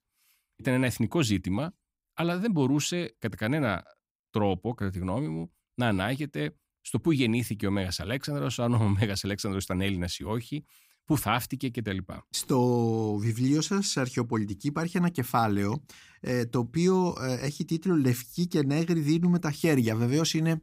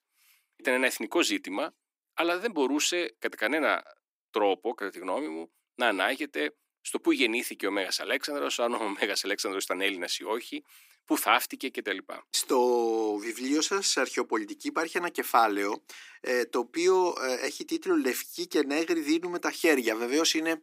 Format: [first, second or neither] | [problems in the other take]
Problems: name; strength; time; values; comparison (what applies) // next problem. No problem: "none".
first | thin; somewhat; fading below 300 Hz